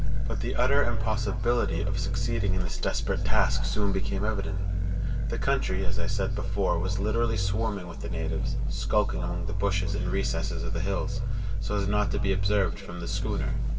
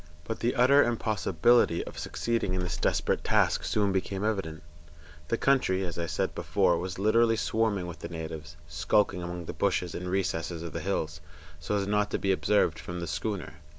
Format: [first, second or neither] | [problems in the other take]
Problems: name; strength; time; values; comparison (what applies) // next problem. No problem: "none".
second | background sound (Growling); 2 dB below the speech // room echo; dies away in 2.1 s